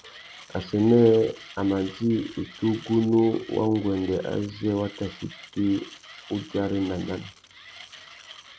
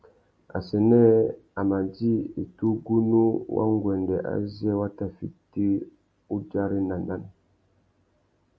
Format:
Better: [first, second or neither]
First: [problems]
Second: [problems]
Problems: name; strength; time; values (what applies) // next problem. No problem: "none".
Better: second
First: background sound (Mechanisms); 20 dB below the speech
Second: none